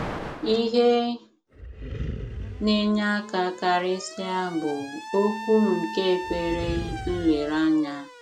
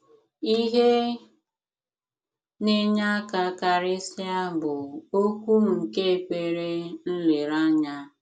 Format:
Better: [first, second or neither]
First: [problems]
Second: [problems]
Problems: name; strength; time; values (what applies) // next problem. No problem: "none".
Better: second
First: background sound (Alarm + Animal); 10 dB below the speech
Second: none